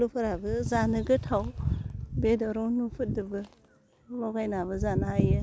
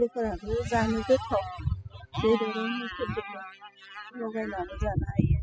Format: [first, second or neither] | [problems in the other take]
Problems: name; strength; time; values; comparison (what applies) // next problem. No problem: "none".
first | noise reduction (classical method spectral subtraction)